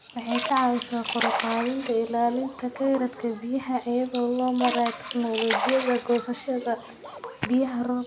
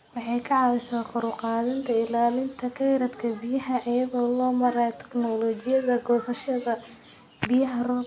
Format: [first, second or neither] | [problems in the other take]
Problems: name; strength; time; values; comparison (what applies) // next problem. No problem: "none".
second | background sound (Splash, splatter); 8 dB below the speech